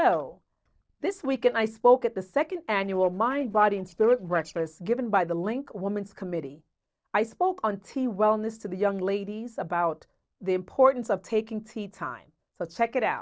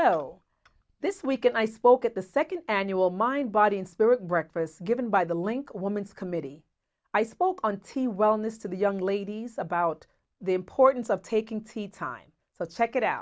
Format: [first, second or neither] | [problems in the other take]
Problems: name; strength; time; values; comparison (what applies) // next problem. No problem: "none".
second | noise reduction (neural separator model SepFormer DNS4)